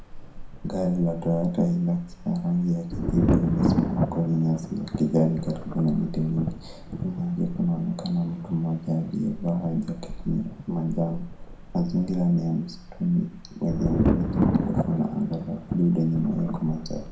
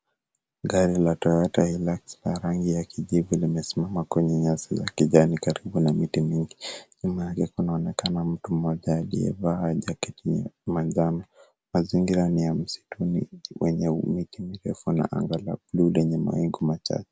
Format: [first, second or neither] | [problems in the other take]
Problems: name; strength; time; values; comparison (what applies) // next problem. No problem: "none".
second | background sound (Thunder); 4 dB below the speech // room echo; dies away in 0.4 s